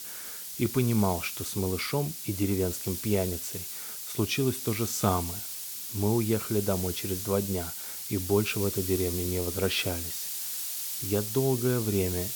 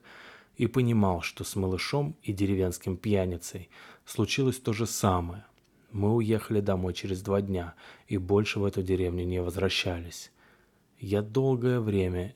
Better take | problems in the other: second | hiss; loud; throughout; 4 dB below the speech

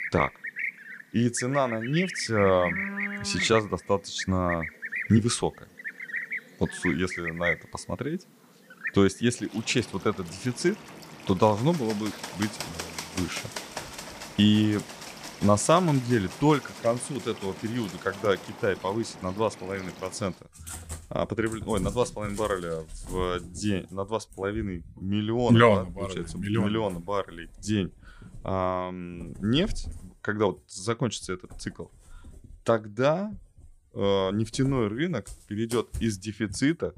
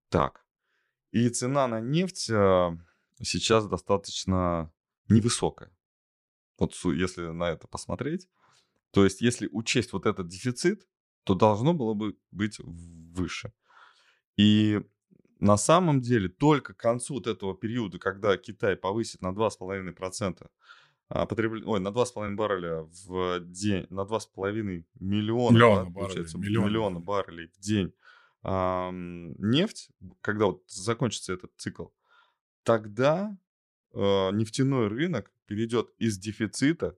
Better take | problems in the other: second | animal sounds; loud; throughout; 9 dB below the speech

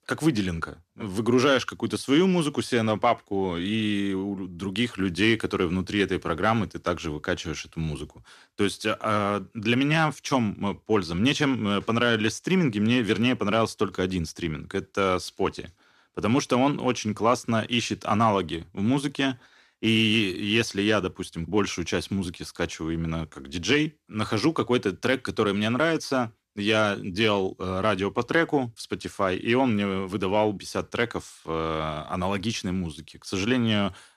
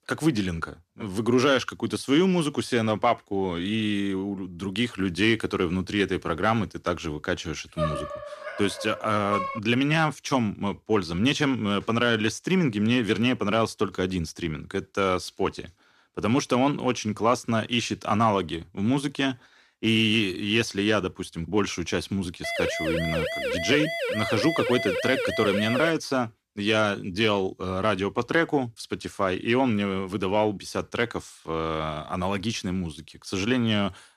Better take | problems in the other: first | dog barking; noticeable; from 8 to 9.5 s; peak 4 dB below the speech // siren; noticeable; from 22 to 26 s; peak 2 dB below the speech

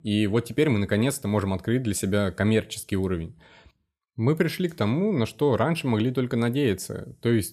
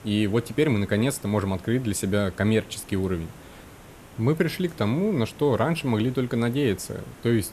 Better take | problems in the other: first | hiss; faint; throughout; 20 dB below the speech

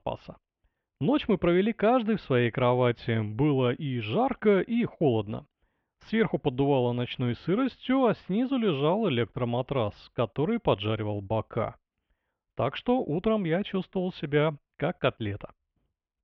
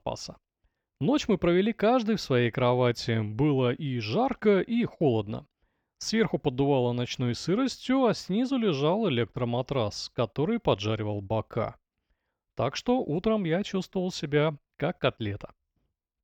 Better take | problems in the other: second | muffled; very; fading above 3 kHz

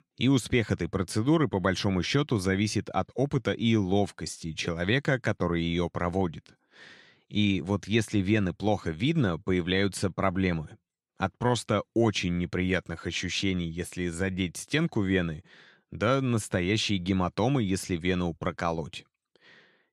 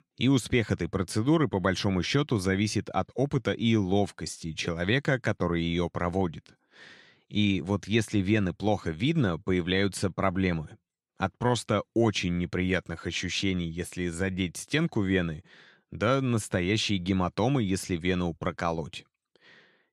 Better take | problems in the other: neither | none

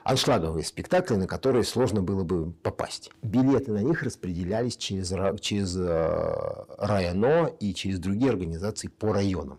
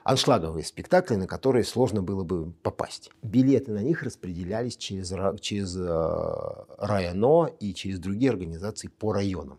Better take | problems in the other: second | distortion; slight; 10 dB below the speech

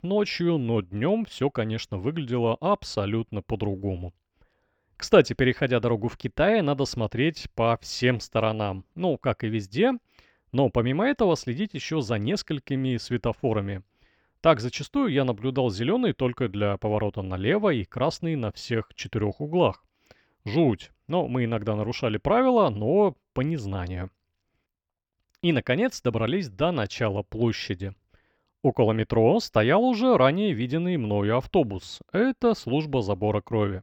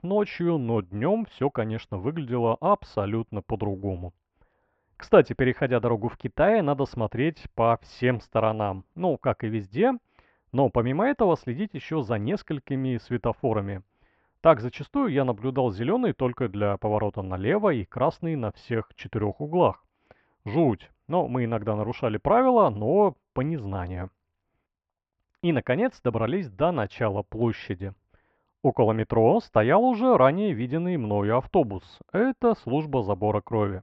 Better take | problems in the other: first | muffled; very; fading above 2 kHz

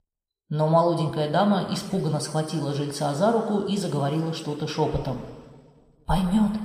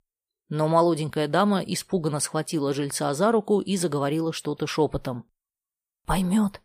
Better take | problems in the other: second | room echo; slight; dies away in 1.8 s

